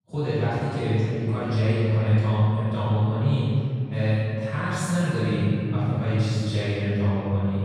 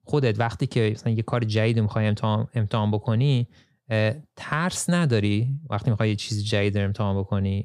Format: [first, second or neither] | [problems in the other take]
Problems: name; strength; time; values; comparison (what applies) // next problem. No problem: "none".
second | off-mic speech; far // room echo; strong; dies away in 2.4 s